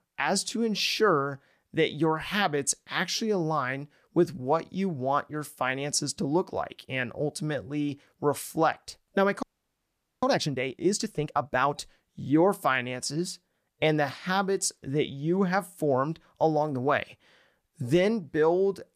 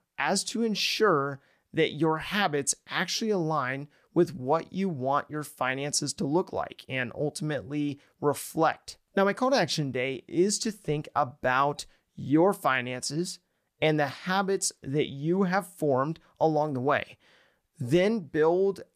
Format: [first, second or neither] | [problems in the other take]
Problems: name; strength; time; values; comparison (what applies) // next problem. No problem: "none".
second | audio freezing; at 9.5 s for 1 s